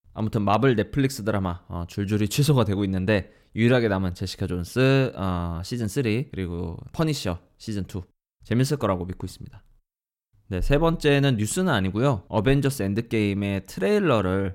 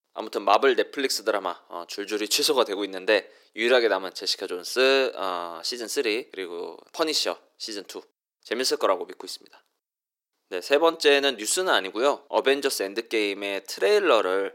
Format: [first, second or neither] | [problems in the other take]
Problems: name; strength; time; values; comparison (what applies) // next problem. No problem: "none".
first | thin; very; fading below 350 Hz